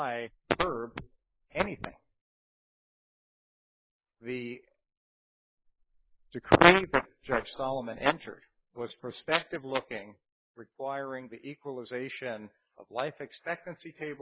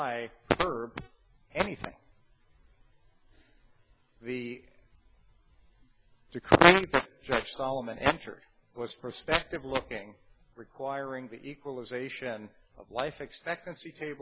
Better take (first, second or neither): second